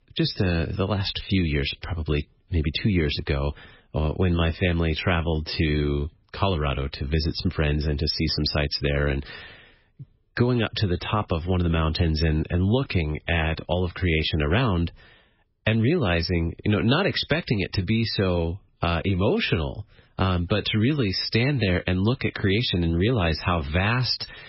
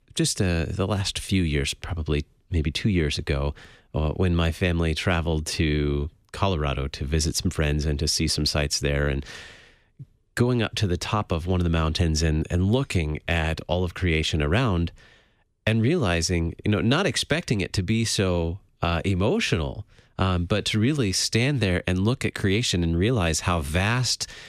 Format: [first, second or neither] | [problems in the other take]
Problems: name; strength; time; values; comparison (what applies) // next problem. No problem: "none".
second | garbled, watery; badly; nothing above 5.5 kHz